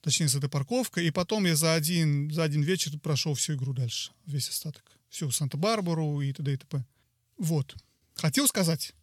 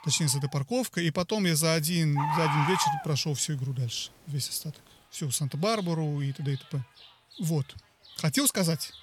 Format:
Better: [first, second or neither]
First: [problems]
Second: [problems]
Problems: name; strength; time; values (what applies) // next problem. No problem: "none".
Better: first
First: none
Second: animal sounds; loud; throughout; 3 dB below the speech